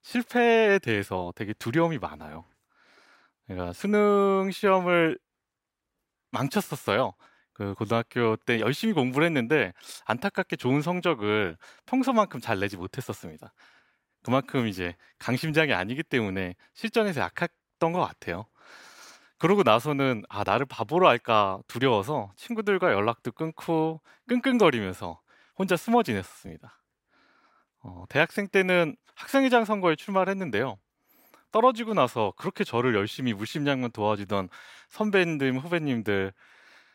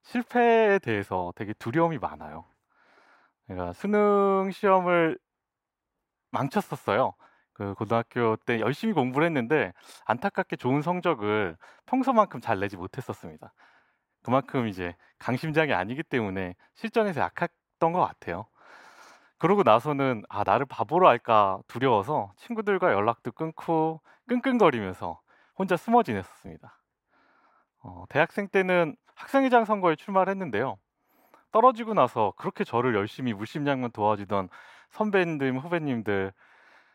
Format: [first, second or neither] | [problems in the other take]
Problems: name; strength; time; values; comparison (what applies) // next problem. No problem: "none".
first | muffled; slightly; fading above 2.5 kHz